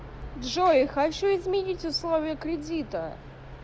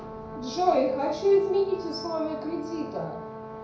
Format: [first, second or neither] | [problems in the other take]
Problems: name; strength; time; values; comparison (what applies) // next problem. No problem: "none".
first | background sound (Brass instrument); 13 dB below the speech // room echo; dies away in 0.6 s